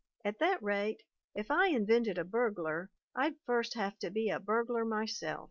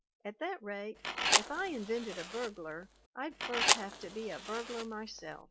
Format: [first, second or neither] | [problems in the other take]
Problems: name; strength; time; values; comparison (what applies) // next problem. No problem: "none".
first | background sound (Fire); 5 dB above the speech